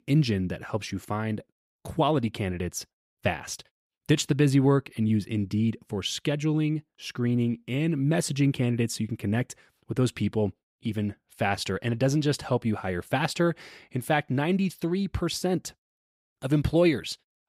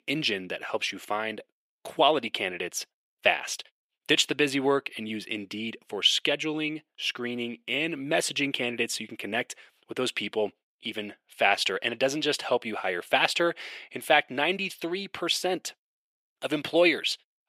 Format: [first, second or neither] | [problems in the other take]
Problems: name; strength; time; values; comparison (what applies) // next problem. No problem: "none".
first | thin; somewhat; fading below 450 Hz